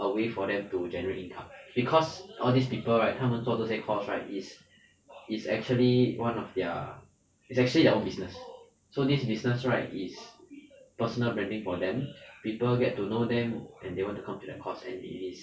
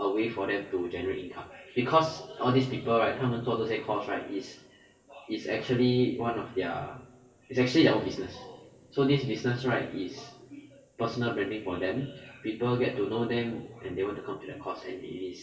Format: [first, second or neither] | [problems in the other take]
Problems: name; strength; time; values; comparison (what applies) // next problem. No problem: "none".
first | room echo; dies away in 2.3 s